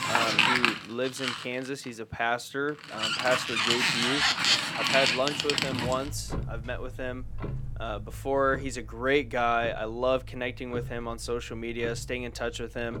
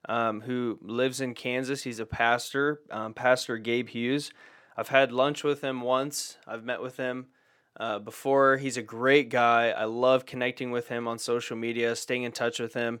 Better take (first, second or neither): second